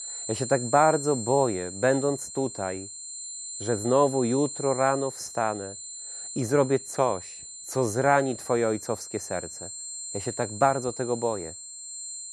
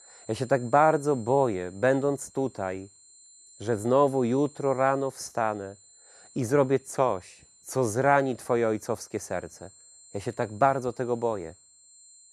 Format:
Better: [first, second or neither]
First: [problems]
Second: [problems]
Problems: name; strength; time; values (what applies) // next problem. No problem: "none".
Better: second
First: high-pitched whine; loud; throughout; 7 kHz, 10 dB below the speech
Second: high-pitched whine; faint; throughout; 7 kHz, 25 dB below the speech